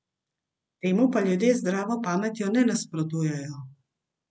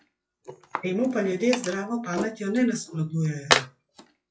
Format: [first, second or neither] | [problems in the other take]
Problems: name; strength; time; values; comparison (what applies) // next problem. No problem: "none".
first | noise reduction (classical method WPE with log-MMSE)